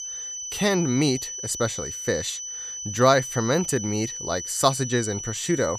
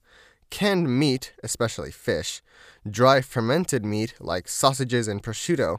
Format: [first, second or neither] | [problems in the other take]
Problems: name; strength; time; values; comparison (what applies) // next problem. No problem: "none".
second | high-pitched whine; loud; throughout; 6 kHz, 7 dB below the speech